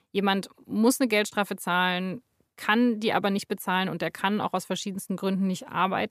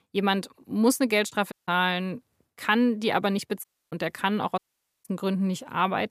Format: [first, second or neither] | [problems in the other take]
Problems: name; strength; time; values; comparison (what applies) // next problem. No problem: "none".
first | audio cutting out; at 1.5 s, at 3.5 s and at 4.5 s